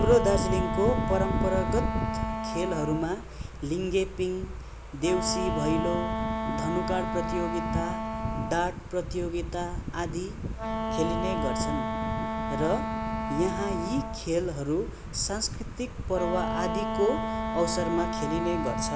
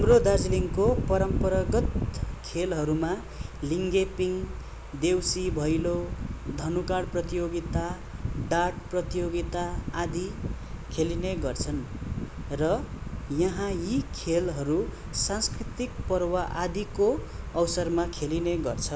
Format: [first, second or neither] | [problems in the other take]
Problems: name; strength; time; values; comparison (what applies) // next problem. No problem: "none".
second | background sound (Wind instrument, woodwind instrument); 4 dB below the speech